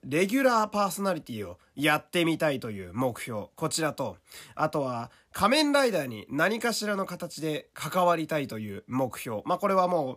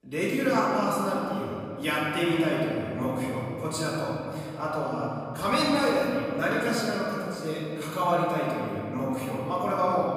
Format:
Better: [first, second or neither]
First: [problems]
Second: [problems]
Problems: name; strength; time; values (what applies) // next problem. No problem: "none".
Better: first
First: none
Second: room echo; strong; dies away in 3 s // off-mic speech; far